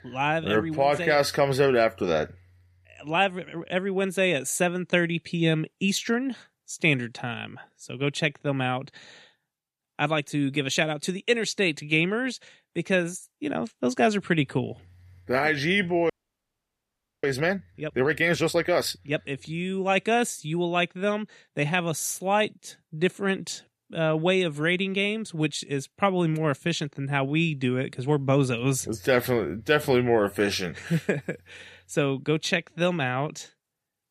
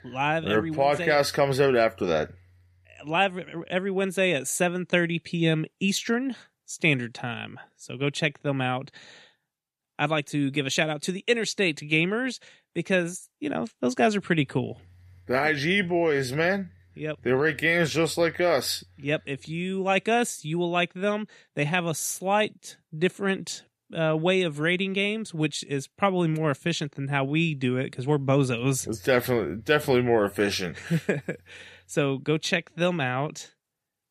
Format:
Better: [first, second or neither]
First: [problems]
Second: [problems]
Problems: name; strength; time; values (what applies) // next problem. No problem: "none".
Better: second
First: audio freezing; at 16 s for 1 s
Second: none